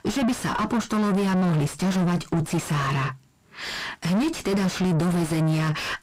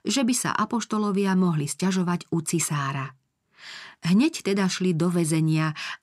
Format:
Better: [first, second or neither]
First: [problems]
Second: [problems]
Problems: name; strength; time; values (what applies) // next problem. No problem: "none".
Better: second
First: distortion; heavy; 6 dB below the speech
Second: none